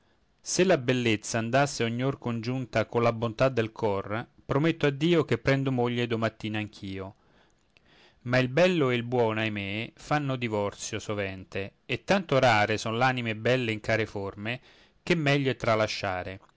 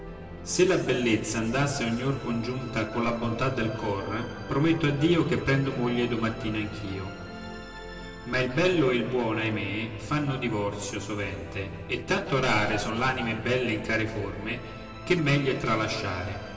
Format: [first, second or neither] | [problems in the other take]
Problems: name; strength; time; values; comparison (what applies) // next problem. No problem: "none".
first | background sound (Musical instrument); 12 dB below the speech // room echo; dies away in 2 s